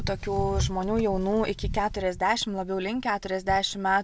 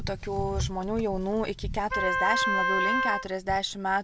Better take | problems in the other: first | background sound (Wind instrument, woodwind instrument); as loud as the speech

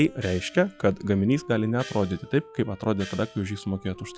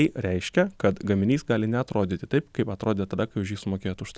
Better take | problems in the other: second | noise reduction (classical method log-MMSE)

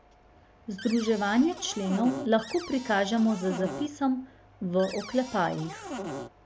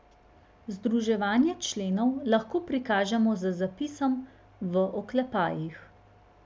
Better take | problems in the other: second | background sound (Cupboard open or close); 11 dB below the speech

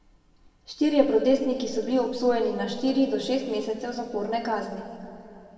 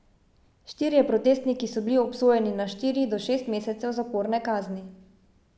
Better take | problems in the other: second | room echo; dies away in 2.1 s

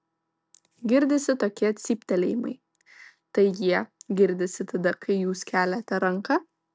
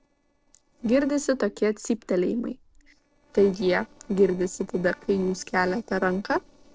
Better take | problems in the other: first | noise reduction (neural separator model SepFormer DNS4)

